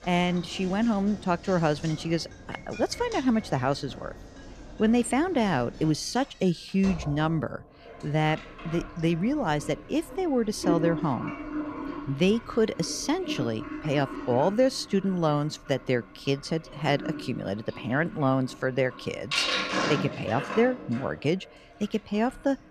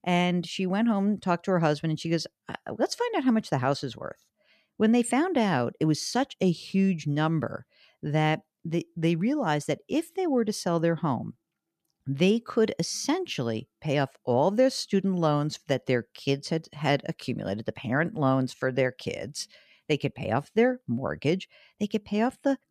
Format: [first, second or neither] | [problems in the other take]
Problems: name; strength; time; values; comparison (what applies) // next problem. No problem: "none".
second | household noises; loud; throughout; 9 dB below the speech